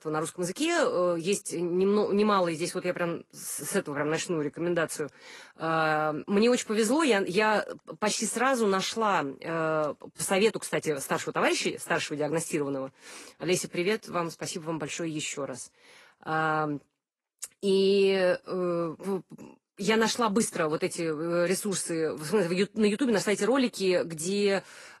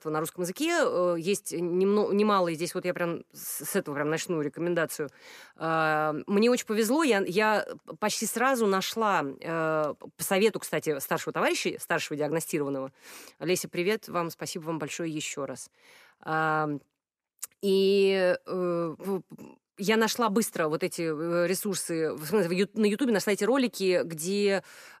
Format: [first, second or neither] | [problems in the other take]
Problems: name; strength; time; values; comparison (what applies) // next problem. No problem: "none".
second | garbled, watery; slightly; nothing above 11.5 kHz